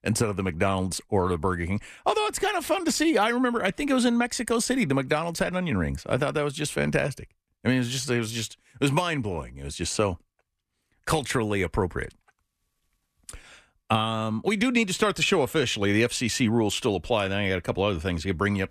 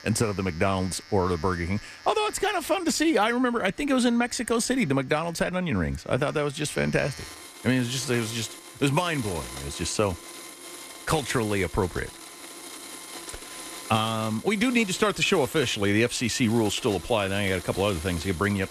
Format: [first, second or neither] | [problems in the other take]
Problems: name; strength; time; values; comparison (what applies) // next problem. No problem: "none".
first | household noises; noticeable; throughout; 15 dB below the speech